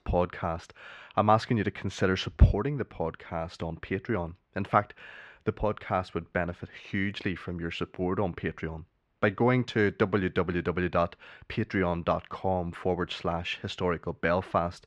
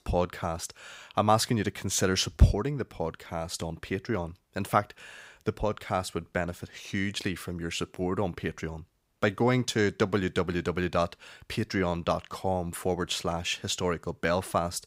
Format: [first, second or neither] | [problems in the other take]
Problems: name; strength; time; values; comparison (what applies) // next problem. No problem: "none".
second | muffled; slightly; fading above 2.5 kHz